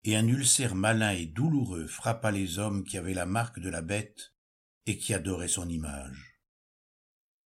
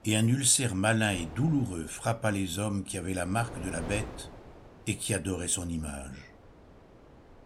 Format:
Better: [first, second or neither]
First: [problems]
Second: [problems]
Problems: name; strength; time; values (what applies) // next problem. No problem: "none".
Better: first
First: none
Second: wind noise on the microphone; occasional gusts; 20 dB below the speech